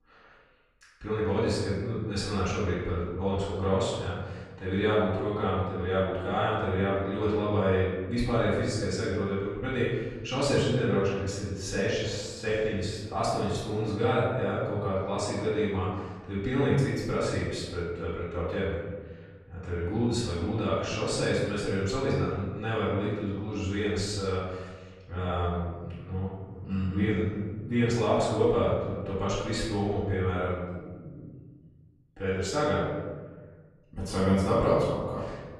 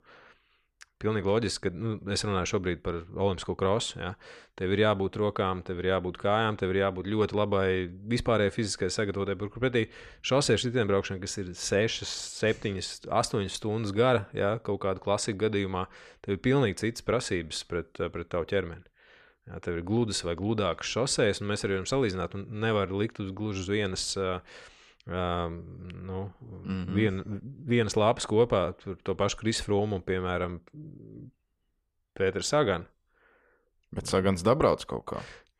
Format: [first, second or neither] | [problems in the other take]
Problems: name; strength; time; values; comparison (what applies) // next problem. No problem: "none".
second | off-mic speech; far // room echo; strong; dies away in 1.4 s